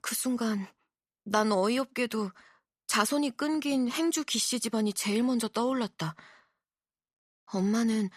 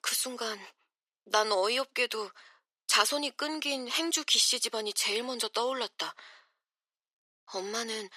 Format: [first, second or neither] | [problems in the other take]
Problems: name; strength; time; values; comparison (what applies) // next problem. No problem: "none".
first | thin; very; fading below 400 Hz